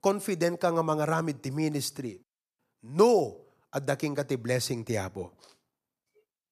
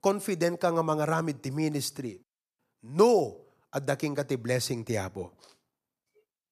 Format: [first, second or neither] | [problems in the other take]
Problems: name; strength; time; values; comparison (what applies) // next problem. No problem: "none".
neither | none